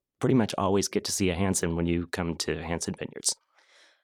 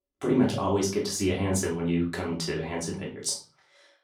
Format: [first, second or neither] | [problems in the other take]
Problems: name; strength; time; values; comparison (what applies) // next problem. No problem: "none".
first | off-mic speech; far // room echo; slight; dies away in 0.3 s